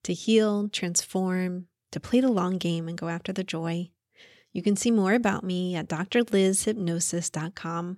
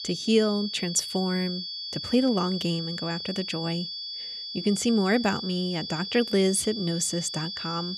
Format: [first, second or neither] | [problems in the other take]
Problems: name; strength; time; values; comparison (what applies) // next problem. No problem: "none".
first | high-pitched whine; loud; throughout; 4.5 kHz, 6 dB below the speech